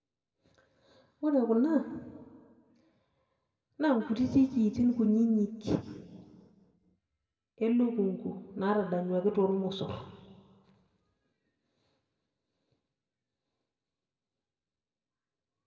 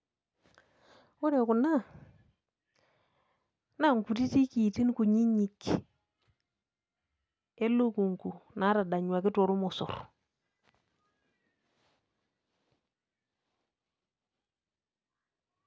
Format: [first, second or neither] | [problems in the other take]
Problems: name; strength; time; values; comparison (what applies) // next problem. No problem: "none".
second | room echo; dies away in 1.4 s